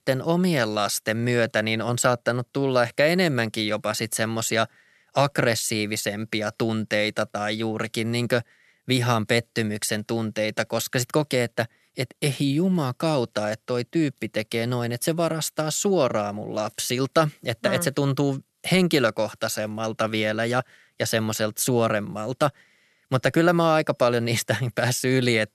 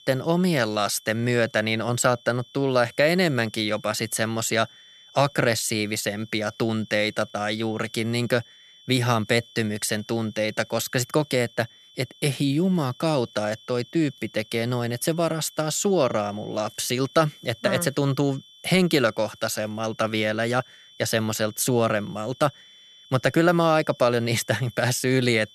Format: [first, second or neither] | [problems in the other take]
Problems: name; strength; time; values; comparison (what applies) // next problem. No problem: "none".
first | high-pitched whine; faint; throughout; 3.5 kHz, 25 dB below the speech